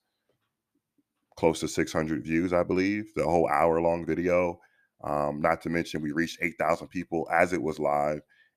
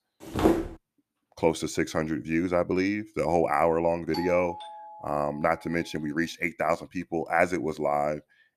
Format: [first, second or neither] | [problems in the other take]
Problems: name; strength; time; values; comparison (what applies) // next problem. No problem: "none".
first | footsteps; loud; at 0.5 s; peak 3 dB above the speech // doorbell; noticeable; from 4 to 5.5 s; peak 10 dB below the speech